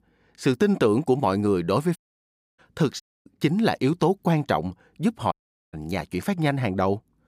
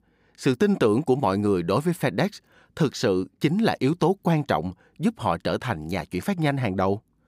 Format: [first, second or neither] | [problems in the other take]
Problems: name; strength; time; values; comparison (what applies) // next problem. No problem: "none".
second | audio cutting out; at 2 s for 0.5 s, at 3 s and at 5.5 s